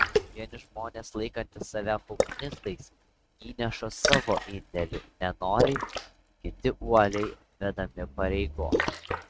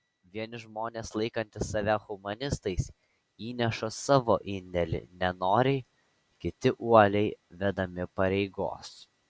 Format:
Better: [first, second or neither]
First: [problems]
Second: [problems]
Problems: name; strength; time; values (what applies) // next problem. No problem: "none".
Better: second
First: noise reduction (neural mask model RNNoise)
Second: none